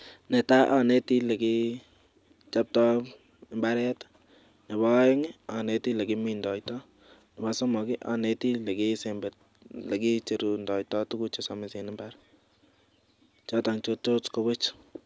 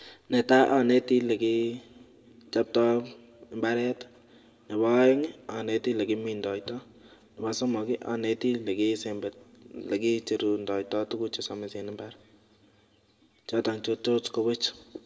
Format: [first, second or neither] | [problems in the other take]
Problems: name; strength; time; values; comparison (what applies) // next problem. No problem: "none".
first | room echo; dies away in 1.6 s